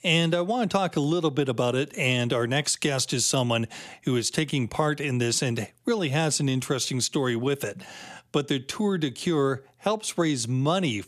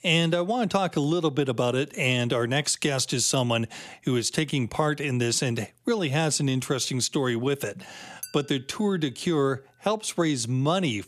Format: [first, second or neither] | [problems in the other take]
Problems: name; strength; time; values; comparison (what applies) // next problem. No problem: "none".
first | clattering dishes; faint; at 8 s; peak 15 dB below the speech